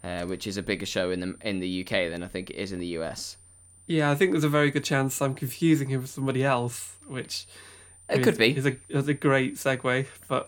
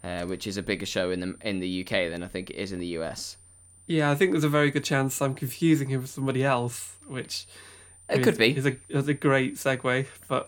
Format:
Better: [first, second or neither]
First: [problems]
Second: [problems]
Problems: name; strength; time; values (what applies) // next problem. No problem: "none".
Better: neither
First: high-pitched whine; faint; throughout; 9 kHz, 25 dB below the speech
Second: high-pitched whine; faint; throughout; 9 kHz, 25 dB below the speech